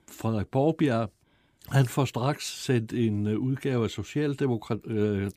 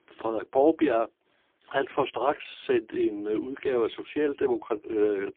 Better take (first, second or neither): first